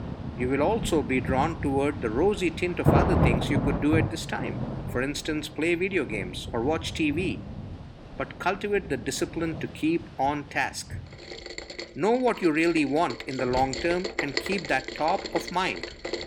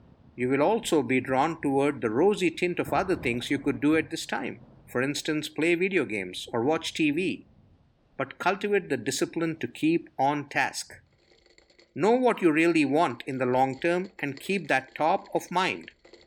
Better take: second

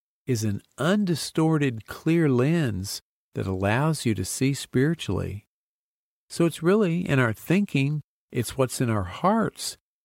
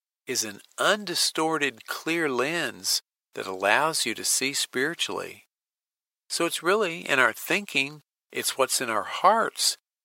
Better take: first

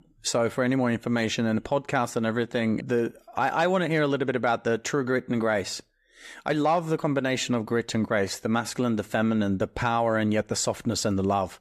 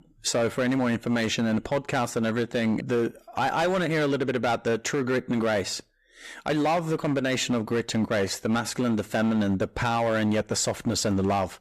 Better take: first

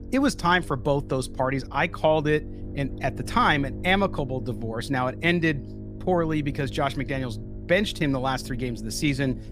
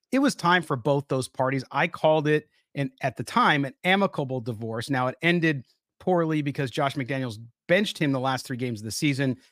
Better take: second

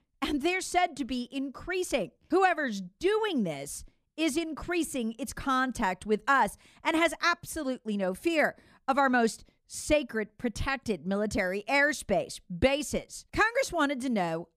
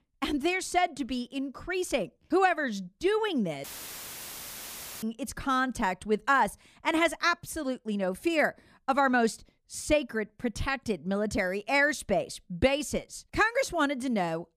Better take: first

